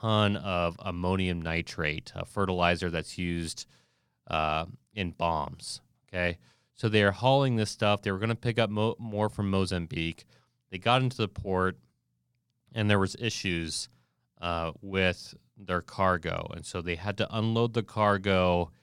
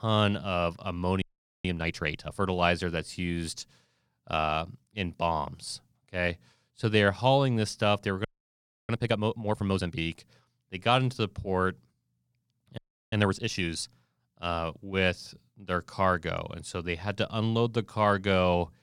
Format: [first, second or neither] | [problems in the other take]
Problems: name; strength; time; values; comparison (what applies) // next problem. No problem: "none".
first | audio freezing; at 1 s, at 8.5 s for 0.5 s and at 13 s